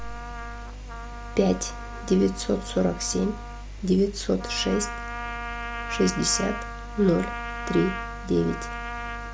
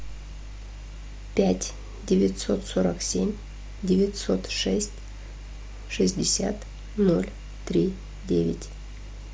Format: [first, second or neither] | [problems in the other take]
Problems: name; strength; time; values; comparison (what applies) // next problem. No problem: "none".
second | background sound (Trumpet); 10 dB below the speech